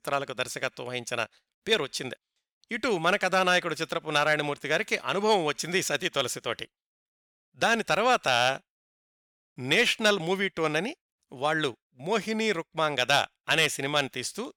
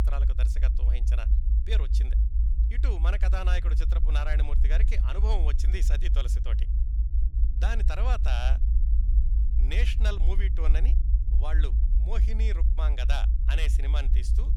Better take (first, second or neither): first